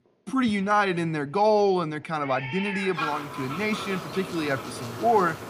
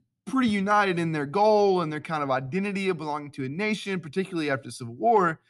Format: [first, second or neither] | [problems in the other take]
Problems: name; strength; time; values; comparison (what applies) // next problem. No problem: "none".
second | animal sounds; loud; throughout; 8 dB below the speech